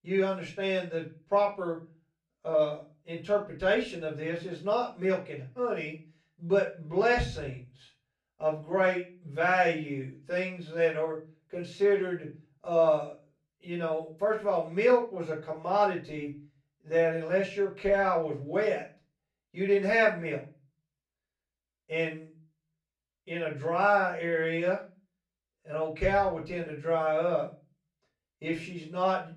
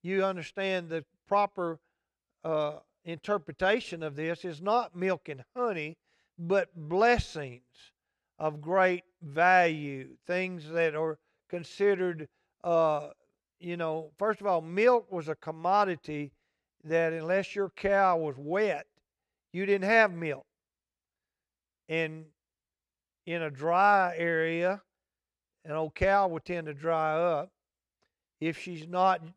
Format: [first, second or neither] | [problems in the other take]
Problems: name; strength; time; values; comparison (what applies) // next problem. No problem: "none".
second | room echo; slight; dies away in 0.3 s // off-mic speech; far